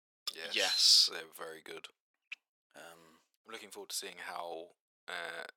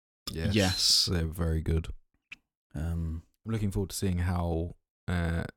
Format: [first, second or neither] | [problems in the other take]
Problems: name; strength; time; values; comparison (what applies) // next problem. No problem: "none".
second | thin; very; fading below 550 Hz